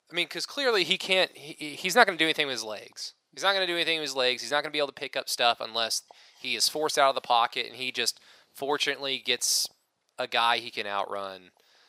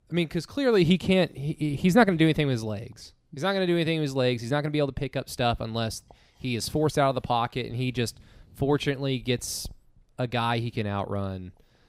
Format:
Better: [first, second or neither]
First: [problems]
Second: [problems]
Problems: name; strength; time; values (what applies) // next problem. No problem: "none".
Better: second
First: thin; very; fading below 700 Hz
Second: none